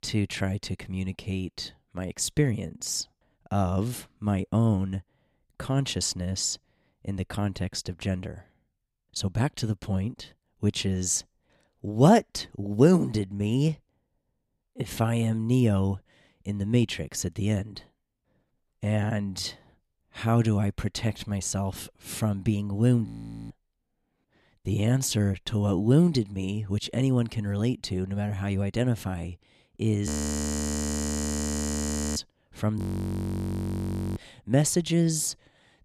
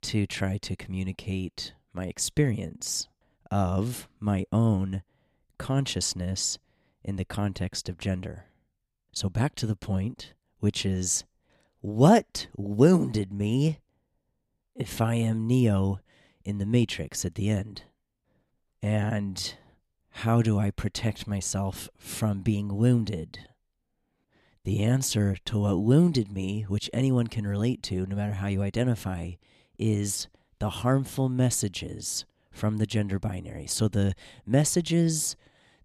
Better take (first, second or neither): second